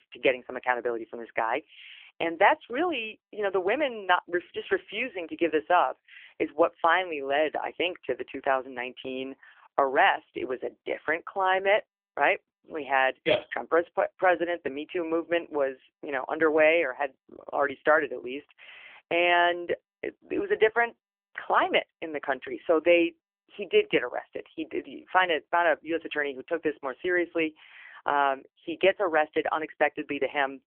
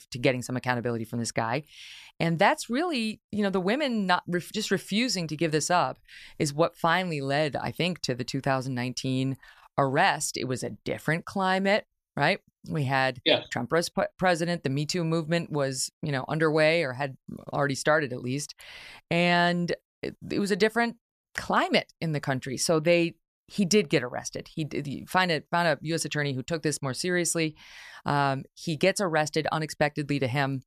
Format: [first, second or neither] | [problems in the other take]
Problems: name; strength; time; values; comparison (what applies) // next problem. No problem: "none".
second | phone-call audio; poor line; nothing above 3 kHz